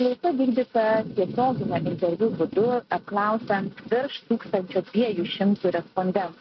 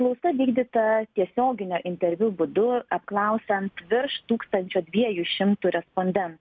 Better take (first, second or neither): second